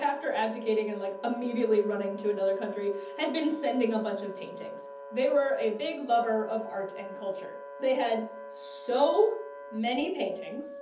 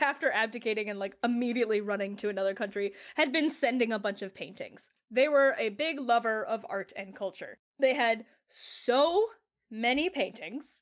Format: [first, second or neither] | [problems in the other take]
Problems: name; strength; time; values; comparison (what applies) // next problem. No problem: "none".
second | background sound (Wind instrument, woodwind instrument); 14 dB below the speech // room echo; dies away in 0.7 s